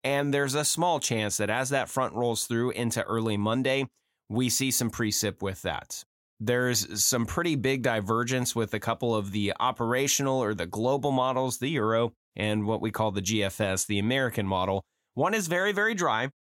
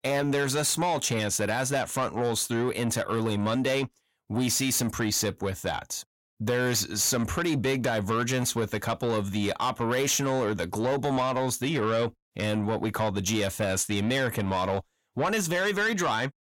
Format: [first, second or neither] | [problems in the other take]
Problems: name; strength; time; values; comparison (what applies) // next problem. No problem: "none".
first | distortion; slight; 10 dB below the speech